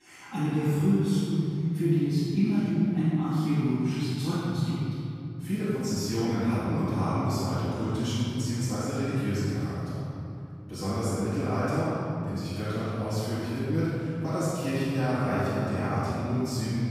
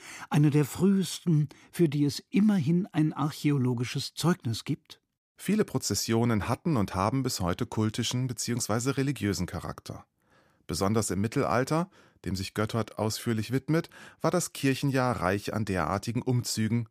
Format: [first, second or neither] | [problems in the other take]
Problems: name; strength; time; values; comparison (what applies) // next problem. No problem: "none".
second | off-mic speech; far // room echo; strong; dies away in 3 s